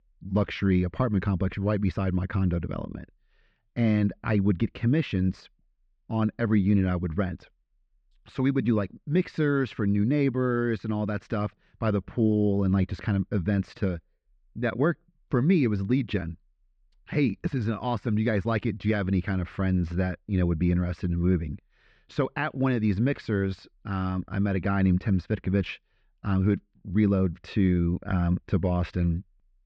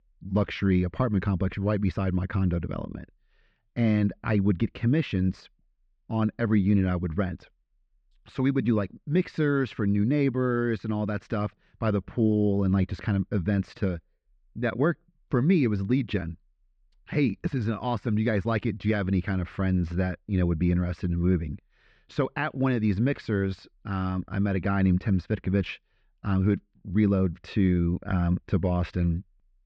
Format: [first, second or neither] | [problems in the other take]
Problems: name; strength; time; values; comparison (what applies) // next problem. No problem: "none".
neither | muffled; slightly; fading above 3 kHz; the same in both